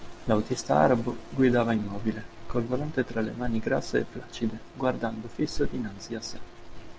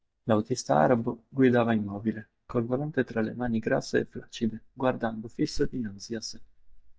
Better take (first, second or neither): first